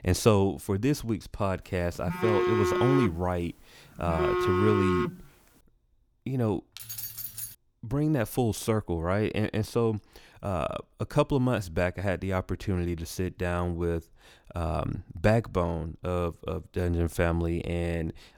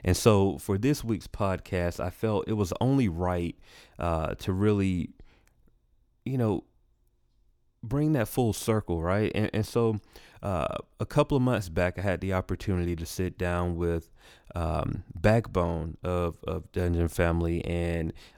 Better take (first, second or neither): second